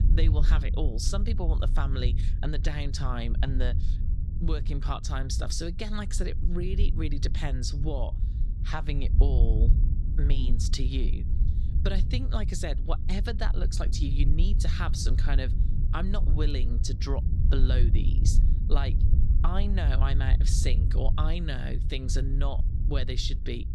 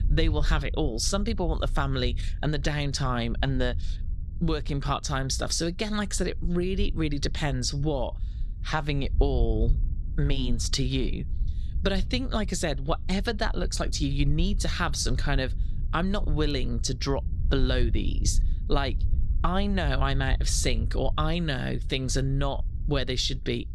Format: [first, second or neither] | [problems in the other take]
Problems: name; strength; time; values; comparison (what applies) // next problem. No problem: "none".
second | low rumble; loud; throughout; 9 dB below the speech; faint in the second